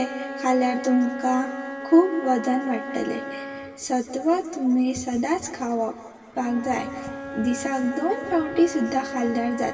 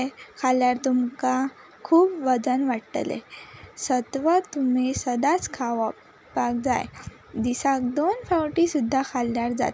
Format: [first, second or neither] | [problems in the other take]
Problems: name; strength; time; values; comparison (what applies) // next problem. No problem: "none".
second | background sound (Wind instrument, woodwind instrument); 11 dB below the speech // room echo; dies away in 2 s